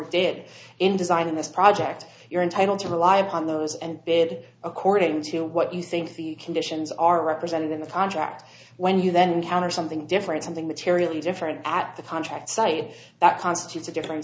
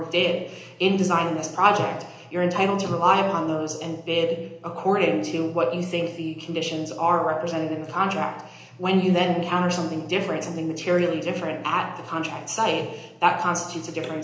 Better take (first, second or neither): first